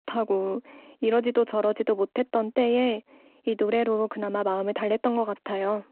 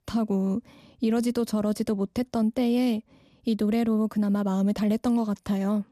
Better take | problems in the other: second | phone-call audio

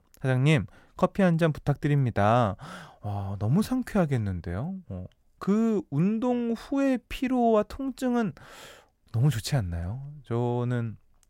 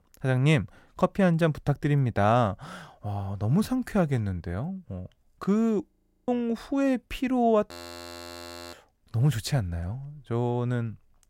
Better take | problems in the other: first | audio freezing; at 6 s and at 7.5 s for 1 s

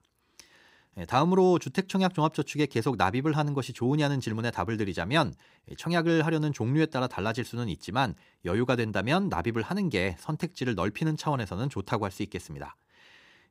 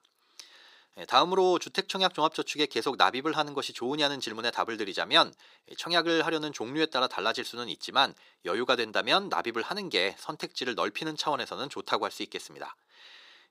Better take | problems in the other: first | thin; somewhat; fading below 450 Hz

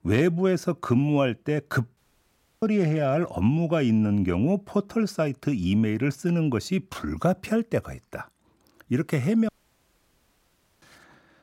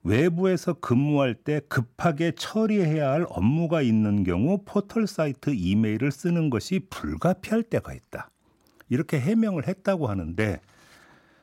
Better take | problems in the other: second | audio cutting out; at 2 s for 0.5 s and at 9.5 s for 1.5 s

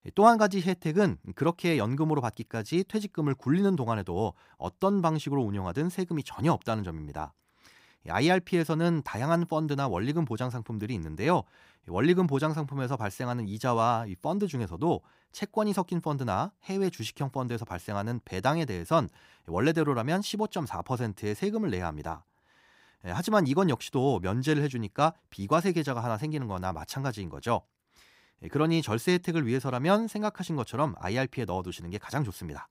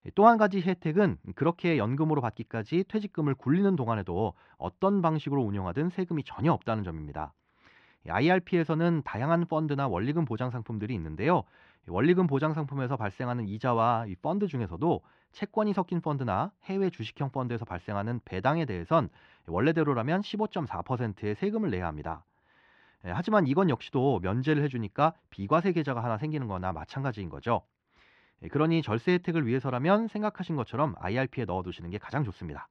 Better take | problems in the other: first | muffled; slightly; fading above 3 kHz

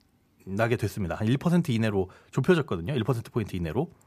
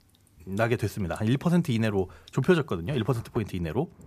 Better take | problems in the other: first | rain or running water; faint; throughout; 25 dB below the speech

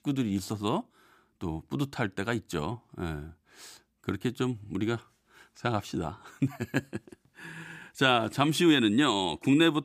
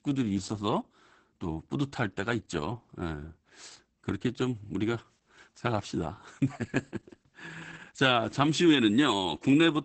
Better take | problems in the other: first | garbled, watery; badly; nothing above 8 kHz

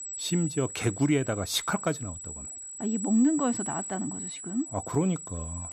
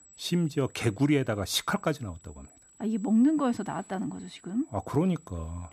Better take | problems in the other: second | high-pitched whine; loud; throughout; 8 kHz, 7 dB below the speech; faint in the second

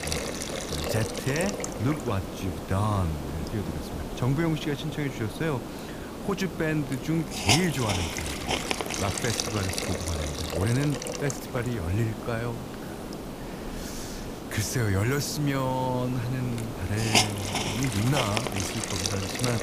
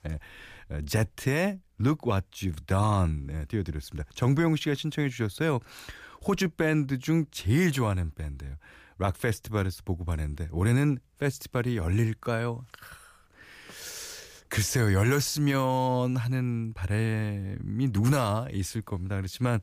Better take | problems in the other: second | hiss; loud; throughout; 2 dB below the speech

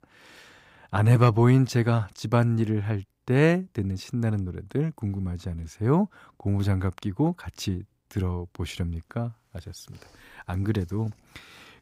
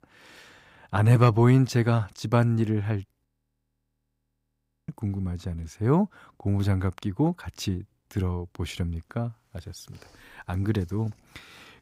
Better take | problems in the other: first | audio freezing; at 3.5 s for 1.5 s

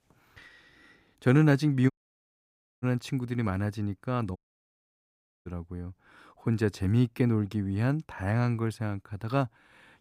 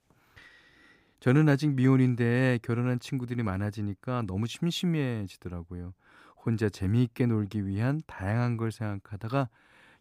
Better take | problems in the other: second | audio cutting out; at 2 s for 1 s and at 4.5 s for 1 s

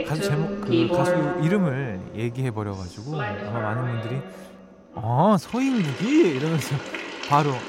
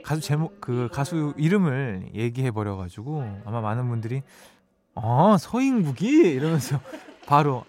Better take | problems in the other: second | household noises; loud; throughout; 4 dB below the speech; faint in the second

